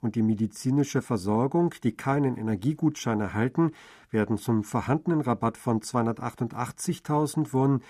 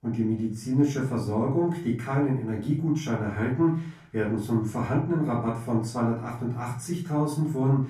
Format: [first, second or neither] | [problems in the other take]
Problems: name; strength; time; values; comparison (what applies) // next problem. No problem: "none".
first | room echo; slight; dies away in 0.4 s // off-mic speech; far